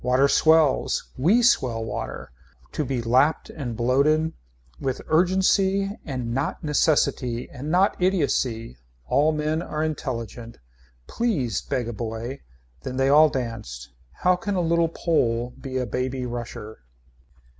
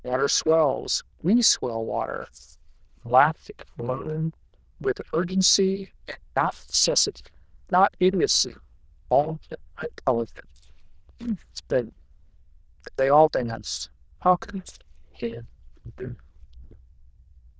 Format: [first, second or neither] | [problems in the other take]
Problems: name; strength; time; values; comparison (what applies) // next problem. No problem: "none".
first | noise reduction (neural diffusion model UNIVERSE++)